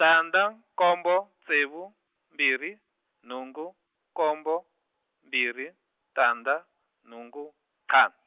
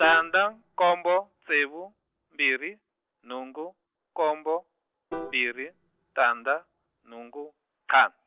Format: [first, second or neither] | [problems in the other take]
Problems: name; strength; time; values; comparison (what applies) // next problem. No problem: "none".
first | noise reduction (neural separator model SepFormer DNS4)